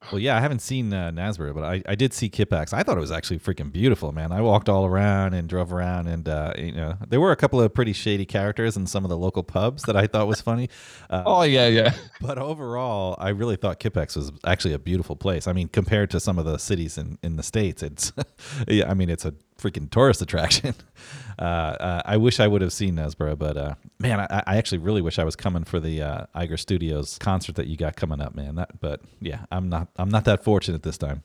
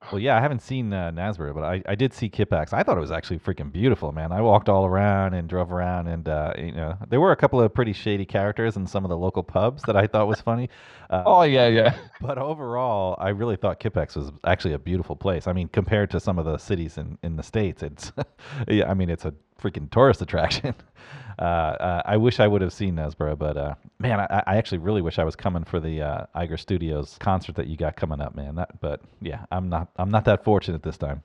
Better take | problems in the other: first | muffled; slightly; fading above 3 kHz

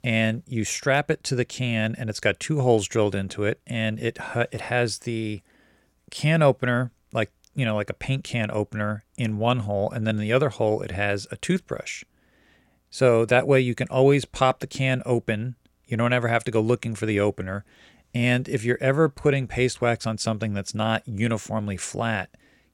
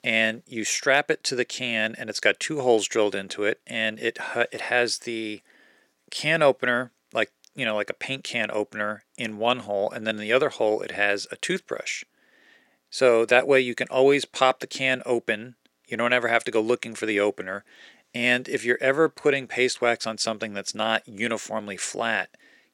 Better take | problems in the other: first | thin; somewhat; fading below 350 Hz

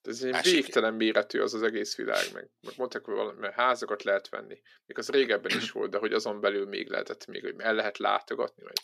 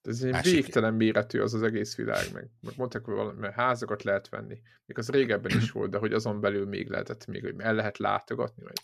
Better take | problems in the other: second | thin; somewhat; fading below 300 Hz

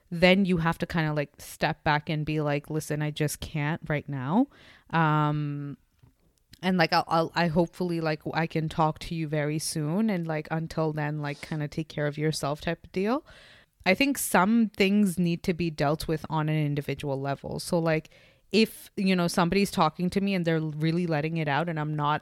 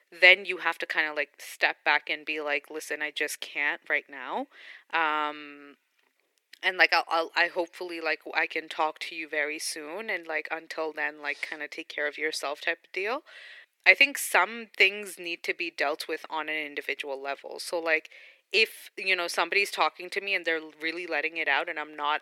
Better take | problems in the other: first | thin; very; fading below 350 Hz

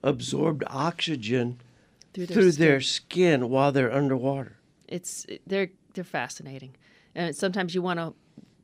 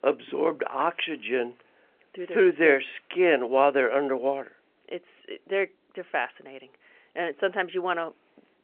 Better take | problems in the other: first | phone-call audio; nothing above 3 kHz

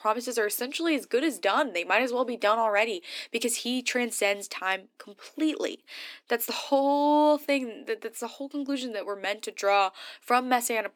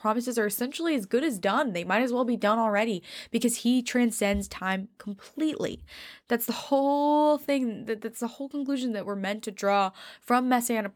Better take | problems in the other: second | thin; very slightly; fading below 300 Hz

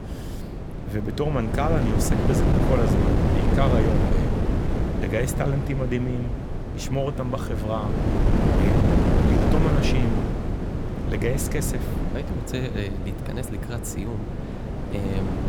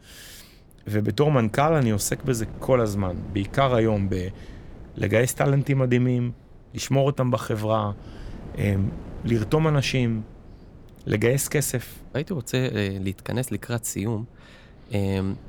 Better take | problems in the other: second | wind noise on the microphone; heavy; as loud as the speech; occasional gusts in the second

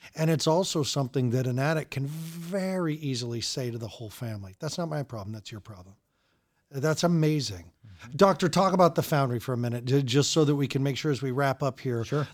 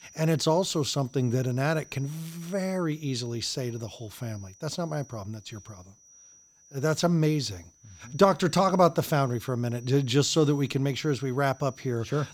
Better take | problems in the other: first | high-pitched whine; faint; throughout; 6 kHz, 25 dB below the speech

